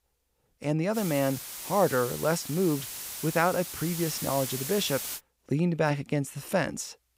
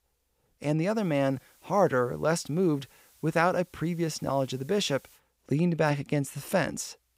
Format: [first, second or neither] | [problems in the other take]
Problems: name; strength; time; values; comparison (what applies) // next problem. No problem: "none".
second | hiss; loud; from 1 to 5 s; 6 dB below the speech; faint in the second